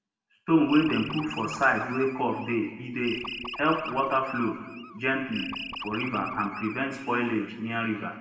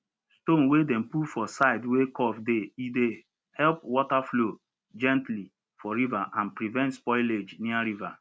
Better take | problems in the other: second | background sound (Animal); 11 dB below the speech // room echo; dies away in 1.2 s

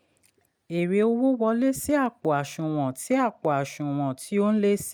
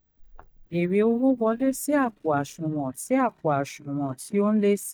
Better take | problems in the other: first | noise reduction (neural mask model DeepFilterNet 3)

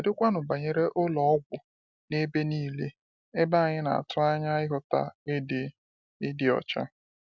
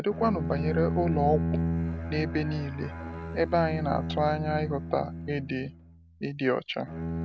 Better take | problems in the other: first | background sound (Bowed string instrument); 3 dB below the speech

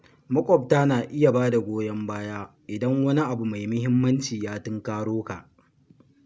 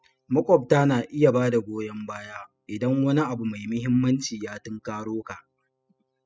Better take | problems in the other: first | noise reduction (classical method spectral subtraction)

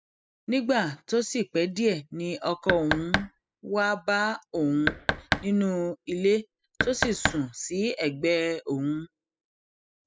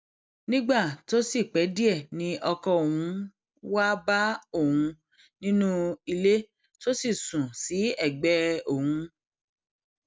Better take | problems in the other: second | noise reduction (classical method spectral subtraction)

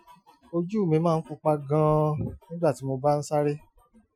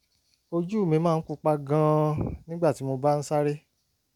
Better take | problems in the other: second | noise reduction (classical method Wiener filter)

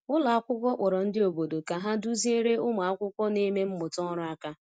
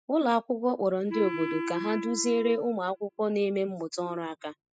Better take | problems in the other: first | noise reduction (classical method spectral subtraction)

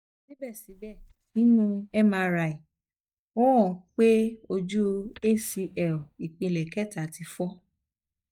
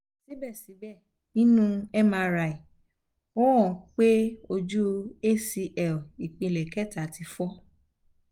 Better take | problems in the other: second | noise reduction (neural mask model DeepFilterNet 3)

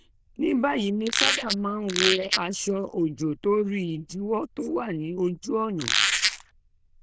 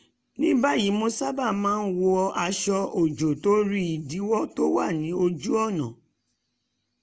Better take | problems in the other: second | noise reduction (neural diffusion model UNIVERSE++)

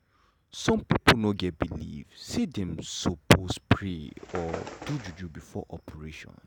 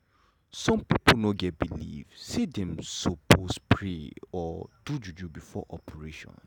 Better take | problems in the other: second | background sound (Bird); 15 dB below the speech

